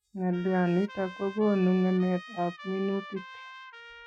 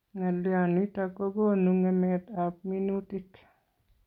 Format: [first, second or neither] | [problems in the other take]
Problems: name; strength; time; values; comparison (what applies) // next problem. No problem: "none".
second | noise reduction (classical method Wiener filter)